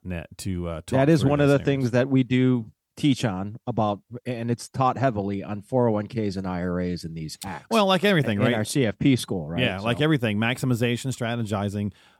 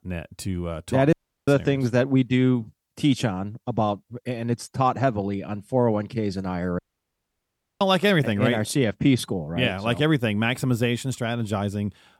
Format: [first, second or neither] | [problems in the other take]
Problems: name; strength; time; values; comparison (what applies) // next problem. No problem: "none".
first | audio cutting out; at 1 s and at 7 s for 1 s